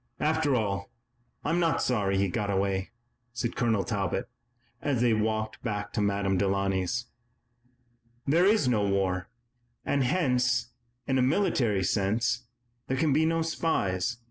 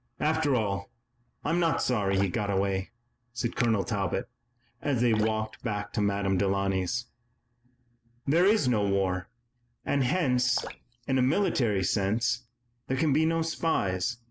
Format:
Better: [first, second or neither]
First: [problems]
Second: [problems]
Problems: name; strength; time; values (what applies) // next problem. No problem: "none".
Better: first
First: none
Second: background sound (Drip + Finger snapping); 18 dB below the speech